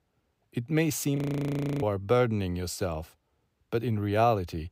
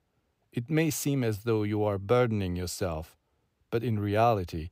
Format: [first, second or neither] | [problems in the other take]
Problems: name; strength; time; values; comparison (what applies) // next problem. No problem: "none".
second | audio freezing; at 1 s for 0.5 s